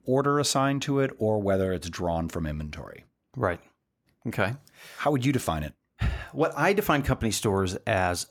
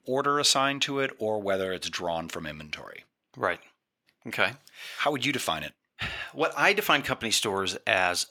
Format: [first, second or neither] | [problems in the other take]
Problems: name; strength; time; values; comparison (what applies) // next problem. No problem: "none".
first | thin; somewhat; fading below 950 Hz